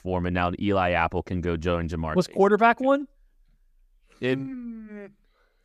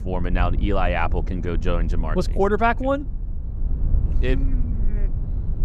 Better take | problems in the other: first | low rumble; noticeable; throughout; 20 dB below the speech

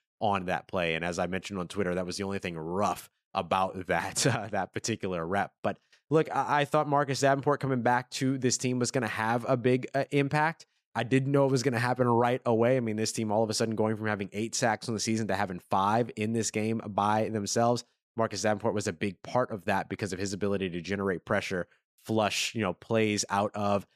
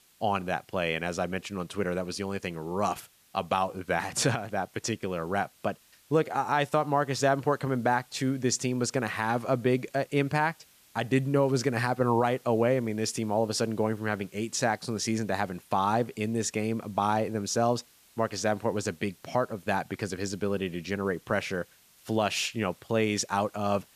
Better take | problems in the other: first | hiss; faint; throughout; 30 dB below the speech

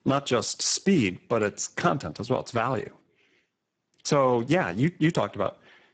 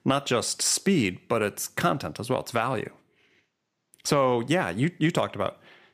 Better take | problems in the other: second | garbled, watery; badly; nothing above 7.5 kHz

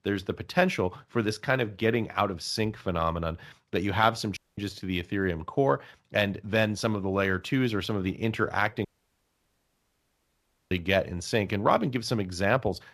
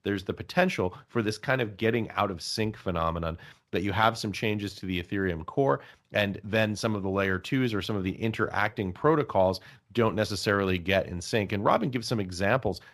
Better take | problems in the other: second | audio cutting out; at 4.5 s and at 9 s for 2 s

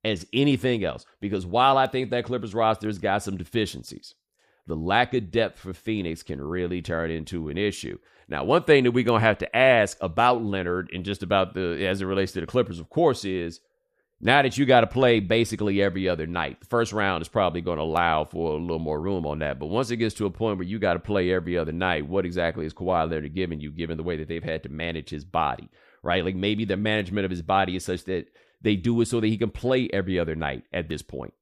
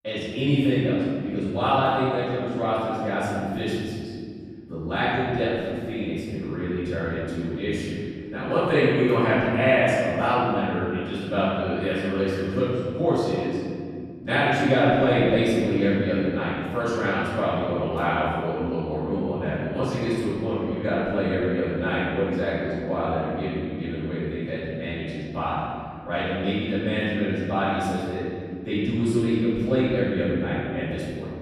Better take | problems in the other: first | off-mic speech; far // room echo; strong; dies away in 2.5 s

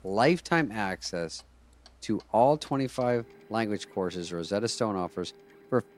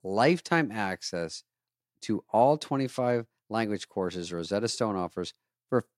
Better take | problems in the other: second | household noises; faint; throughout; 25 dB below the speech

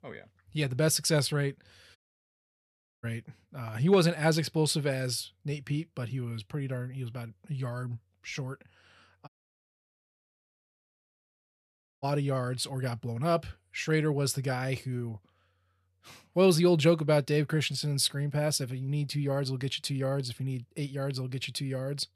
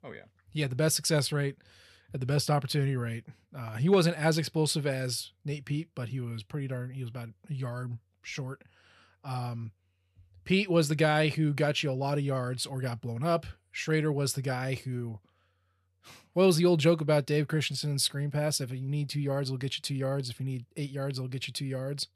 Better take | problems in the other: second | audio cutting out; at 2 s for 1 s and at 9.5 s for 2.5 s

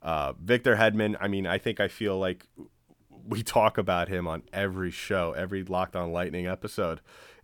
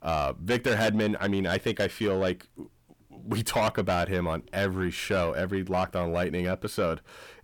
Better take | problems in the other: first | distortion; heavy; 7 dB below the speech

